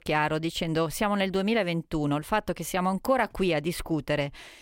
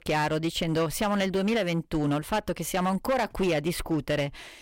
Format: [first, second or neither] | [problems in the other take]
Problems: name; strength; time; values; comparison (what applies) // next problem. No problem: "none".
first | distortion; slight; 9% of the sound clipped